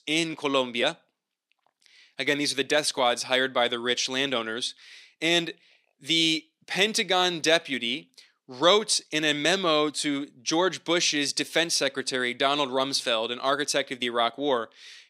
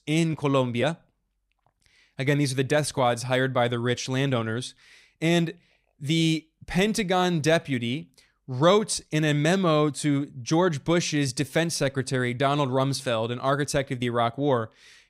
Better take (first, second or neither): second